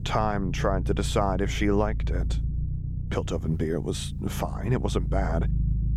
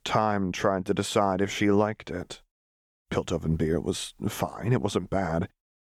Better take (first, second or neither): second